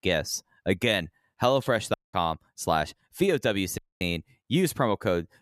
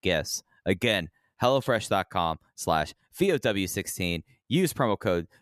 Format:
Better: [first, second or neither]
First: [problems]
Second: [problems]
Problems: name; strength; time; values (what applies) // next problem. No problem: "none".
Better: second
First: audio cutting out; at 2 s and at 4 s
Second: none